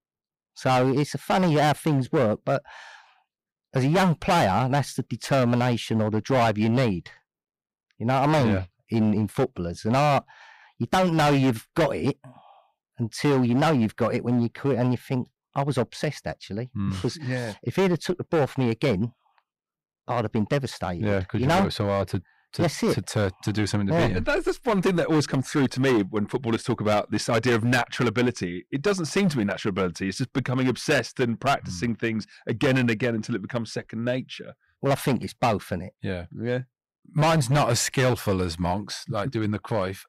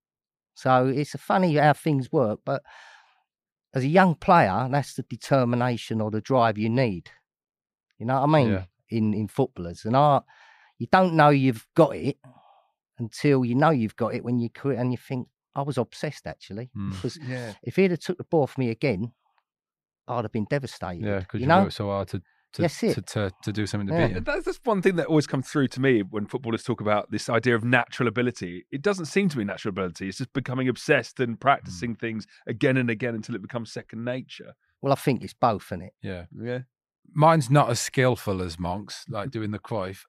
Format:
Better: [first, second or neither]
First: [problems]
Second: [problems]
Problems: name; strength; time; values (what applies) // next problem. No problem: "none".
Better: second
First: distortion; heavy; 10% of the sound clipped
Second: none